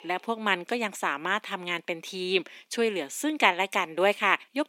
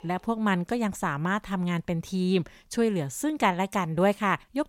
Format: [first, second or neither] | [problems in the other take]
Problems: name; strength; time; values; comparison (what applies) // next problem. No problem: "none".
second | thin; somewhat; fading below 250 Hz